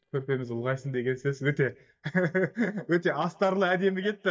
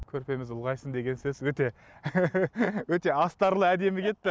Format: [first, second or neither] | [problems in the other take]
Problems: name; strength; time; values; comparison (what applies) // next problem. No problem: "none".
second | noise reduction (neural mask model DeepFilterNet 3)